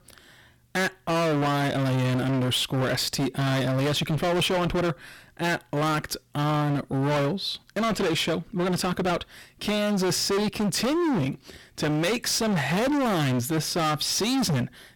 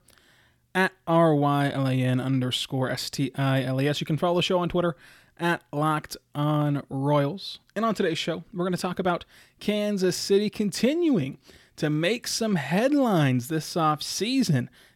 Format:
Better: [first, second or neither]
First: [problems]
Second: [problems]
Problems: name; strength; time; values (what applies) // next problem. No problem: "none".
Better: second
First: distortion; heavy; 33% of the sound clipped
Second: none